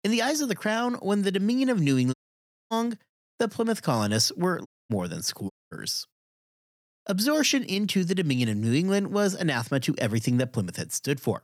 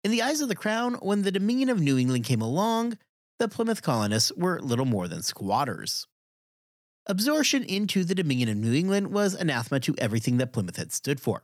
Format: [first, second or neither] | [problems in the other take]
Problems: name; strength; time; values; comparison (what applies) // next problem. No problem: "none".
second | audio cutting out; at 2 s for 0.5 s, at 4.5 s and at 5.5 s